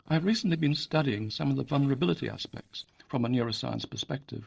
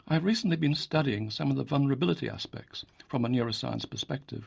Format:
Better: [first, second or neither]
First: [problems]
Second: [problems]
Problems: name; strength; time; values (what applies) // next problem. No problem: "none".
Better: second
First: noise reduction (neural separator model SepFormer DNS4)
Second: none